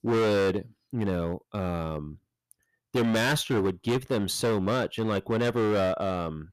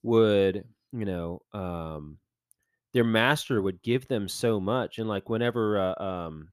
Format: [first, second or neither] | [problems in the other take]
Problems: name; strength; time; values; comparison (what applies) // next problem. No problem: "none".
second | distortion; heavy; 16% of the sound clipped